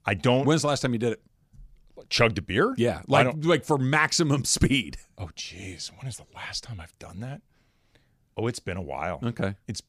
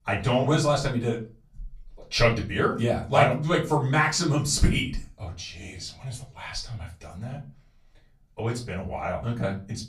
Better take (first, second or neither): first